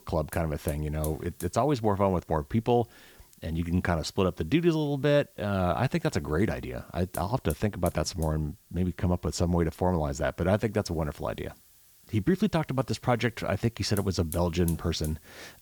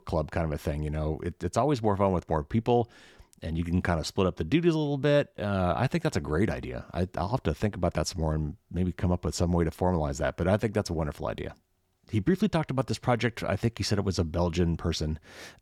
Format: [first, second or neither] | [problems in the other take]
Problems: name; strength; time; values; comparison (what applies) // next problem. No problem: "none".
second | hiss; faint; throughout; 20 dB below the speech